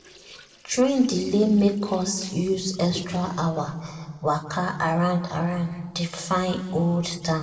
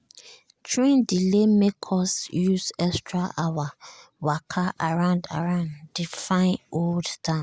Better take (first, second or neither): second